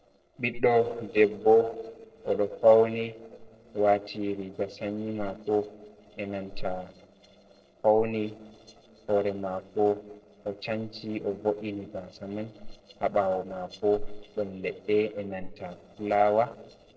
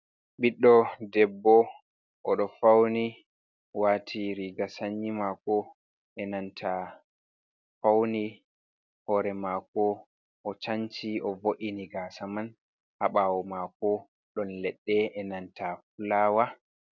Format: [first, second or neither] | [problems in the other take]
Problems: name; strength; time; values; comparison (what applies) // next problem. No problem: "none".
second | noise reduction (neural separator model SepFormer DNS4)